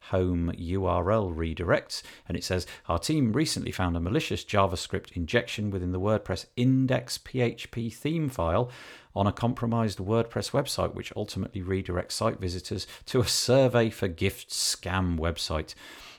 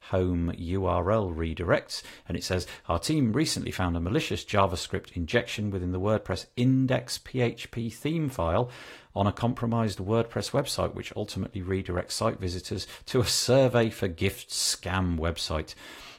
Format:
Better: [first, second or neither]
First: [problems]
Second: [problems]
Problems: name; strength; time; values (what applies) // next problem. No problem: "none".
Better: first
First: none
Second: garbled, watery; slightly; nothing above 15.5 kHz